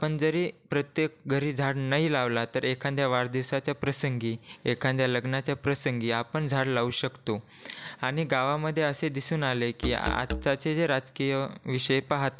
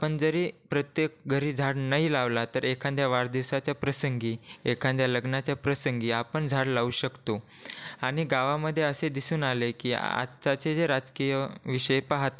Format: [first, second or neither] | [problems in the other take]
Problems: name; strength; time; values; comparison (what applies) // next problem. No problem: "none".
second | background sound (Musical instrument); 8 dB below the speech